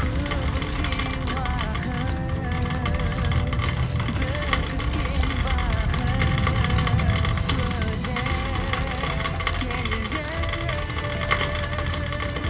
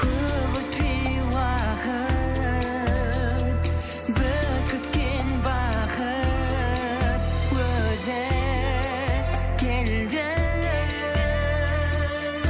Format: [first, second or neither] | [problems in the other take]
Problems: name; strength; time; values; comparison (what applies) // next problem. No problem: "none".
second | background sound (Rain); 4 dB above the speech